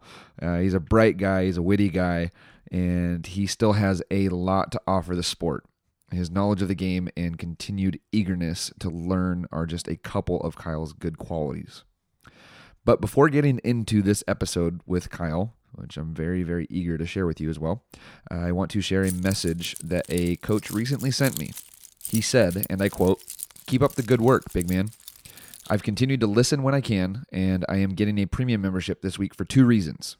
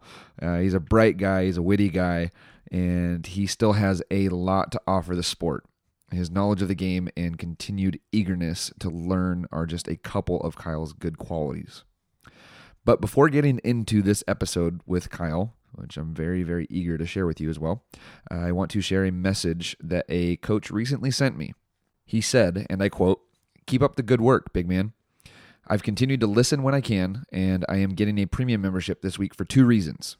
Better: second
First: jangling keys; noticeable; from 19 to 26 s; peak 8 dB below the speech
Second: none

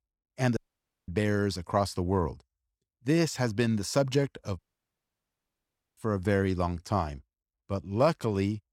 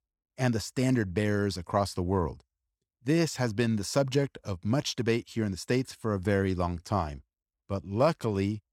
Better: second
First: audio cutting out; at 0.5 s for 0.5 s and at 4.5 s for 1.5 s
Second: none

